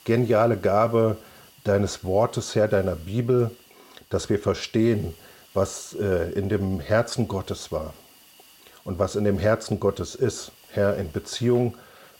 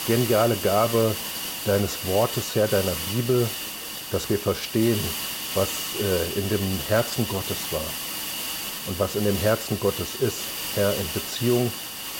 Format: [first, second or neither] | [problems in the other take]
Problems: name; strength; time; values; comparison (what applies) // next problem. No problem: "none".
first | hiss; loud; throughout; 4 dB below the speech; faint in the first